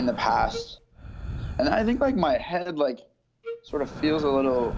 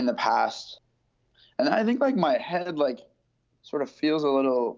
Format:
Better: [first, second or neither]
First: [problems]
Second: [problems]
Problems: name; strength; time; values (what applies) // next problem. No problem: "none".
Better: second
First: background sound (Wind instrument, woodwind instrument + Breathing); 11 dB below the speech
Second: none